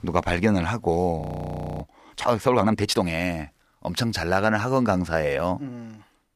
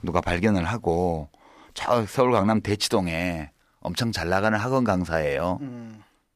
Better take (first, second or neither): second